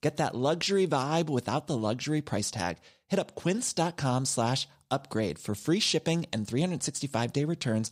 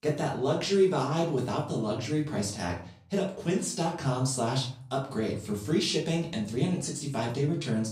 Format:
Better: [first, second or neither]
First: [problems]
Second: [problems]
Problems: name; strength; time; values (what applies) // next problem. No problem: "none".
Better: first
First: none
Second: room echo; slight; dies away in 0.5 s // off-mic speech; far